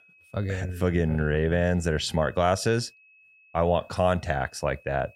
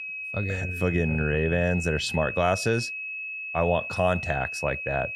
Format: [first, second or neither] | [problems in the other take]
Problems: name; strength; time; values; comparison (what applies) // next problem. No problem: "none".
first | high-pitched whine; loud; throughout; 2.5 kHz, 5 dB below the speech; faint in the first